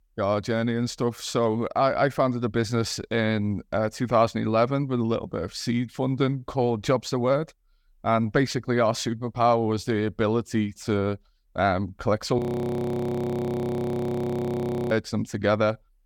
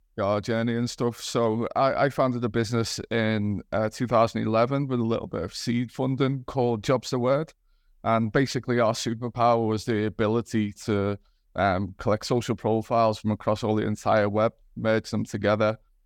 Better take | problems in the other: second | audio freezing; at 12 s for 2.5 s

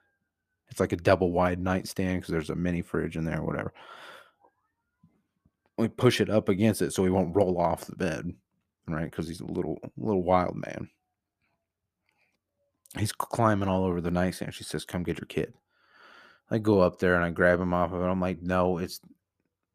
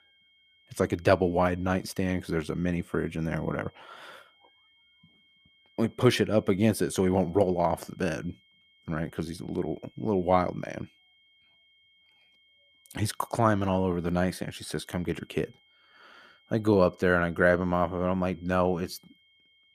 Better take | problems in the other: first | high-pitched whine; faint; throughout; 3 kHz, 35 dB below the speech

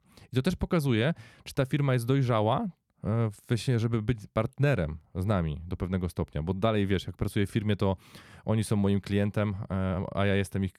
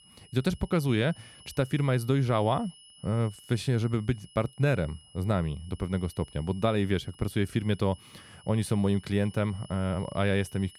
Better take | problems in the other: first | high-pitched whine; faint; throughout; 3 kHz, 25 dB below the speech

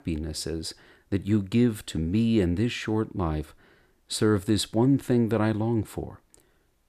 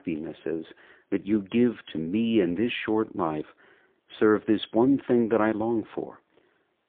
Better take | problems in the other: first | phone-call audio; poor line; nothing above 3.5 kHz

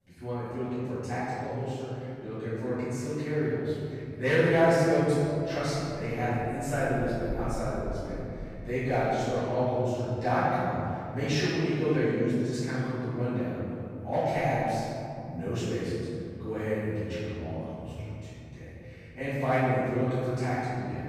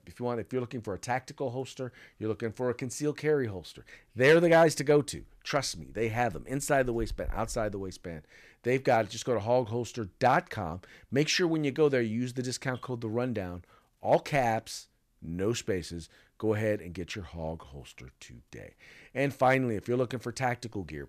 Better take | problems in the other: second | off-mic speech; far // room echo; strong; dies away in 3 s

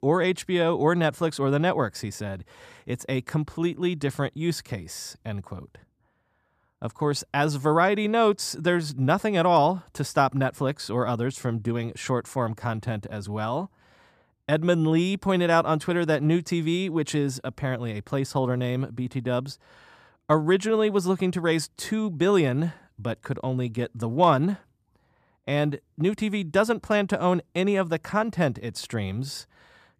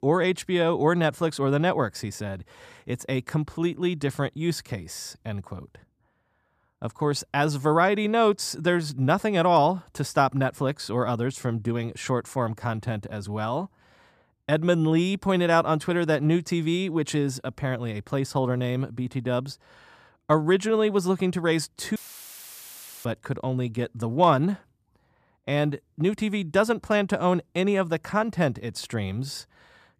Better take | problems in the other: first | audio cutting out; filled with static; at 22 s for 1 s

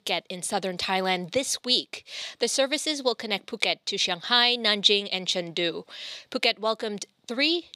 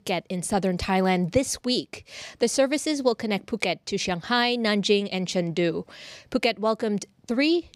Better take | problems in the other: second | thin; very slightly; fading below 550 Hz

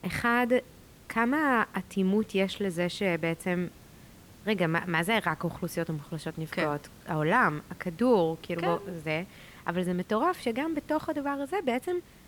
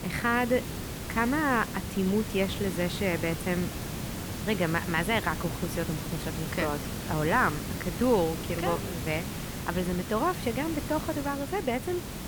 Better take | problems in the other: first | hiss; loud; throughout; 6 dB below the speech; faint in the first

